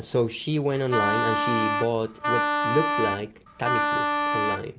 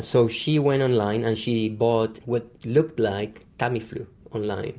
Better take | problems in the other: second | background sound (Wind instrument, woodwind instrument); 2 dB above the speech

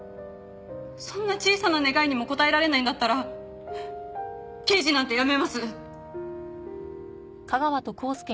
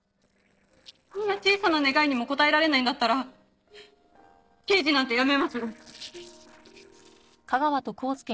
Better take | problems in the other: first | noise reduction (neural separator model SepFormer DNS4)

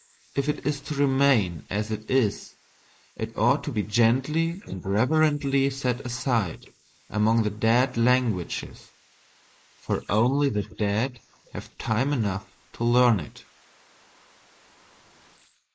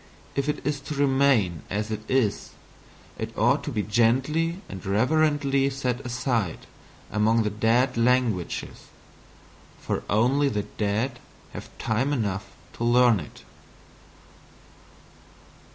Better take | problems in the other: second | noise reduction (neural mask model Resemble Enhance denoiser)

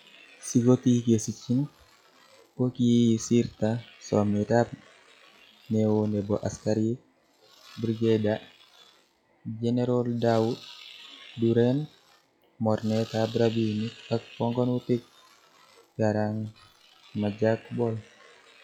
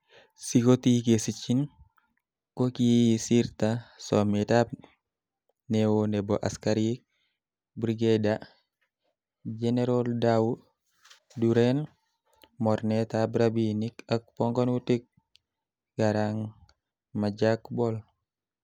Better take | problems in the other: second | noise reduction (classical method log-MMSE)

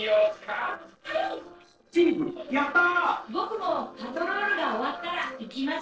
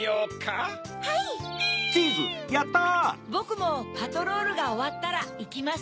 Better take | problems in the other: second | noise reduction (neural separator model SepFormer DNS4)

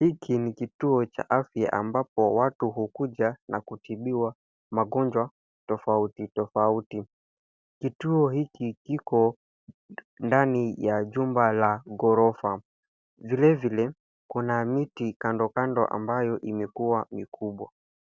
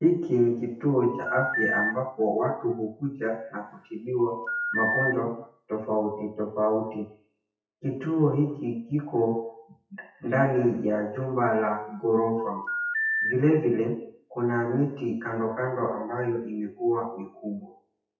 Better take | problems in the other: first | noise reduction (classical method WPE with log-MMSE)

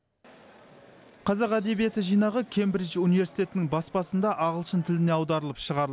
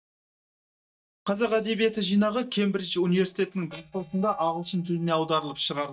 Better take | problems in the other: first | noise reduction (neural mask model DeepFilterNet 3)

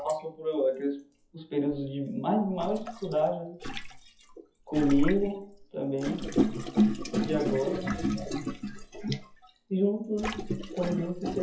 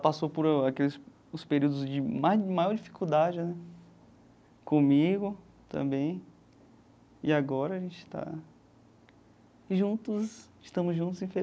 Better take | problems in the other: second | noise reduction (classical method WPE with log-MMSE)

